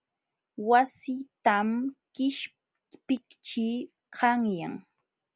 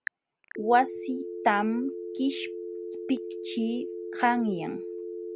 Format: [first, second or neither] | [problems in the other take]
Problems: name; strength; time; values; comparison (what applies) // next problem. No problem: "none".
first | background sound (Telephone); 7 dB below the speech